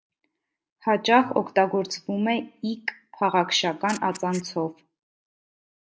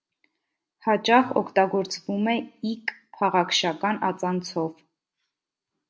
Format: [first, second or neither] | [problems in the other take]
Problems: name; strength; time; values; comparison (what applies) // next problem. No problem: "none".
second | noise reduction (neural mask model Resemble Enhance denoiser)